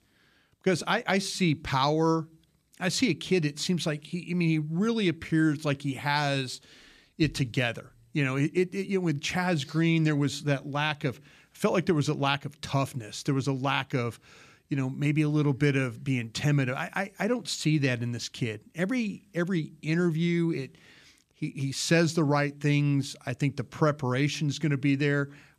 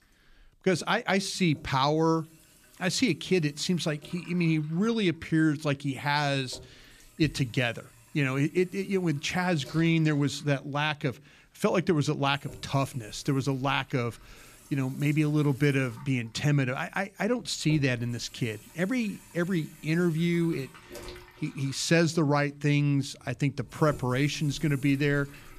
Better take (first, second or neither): first